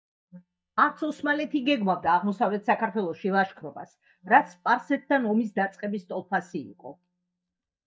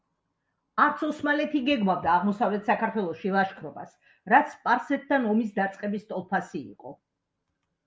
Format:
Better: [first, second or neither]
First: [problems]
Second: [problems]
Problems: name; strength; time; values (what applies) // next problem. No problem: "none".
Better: second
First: noise reduction (neural mask model DeepFilterNet 3)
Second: none